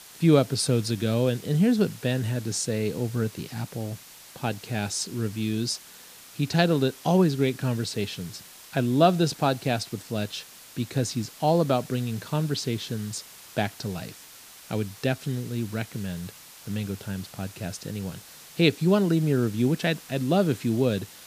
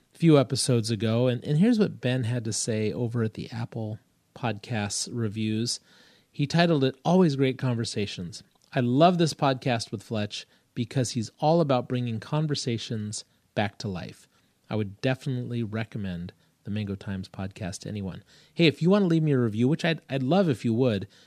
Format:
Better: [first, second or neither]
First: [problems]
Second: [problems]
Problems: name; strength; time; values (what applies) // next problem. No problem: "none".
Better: second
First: hiss; noticeable; throughout; 20 dB below the speech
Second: none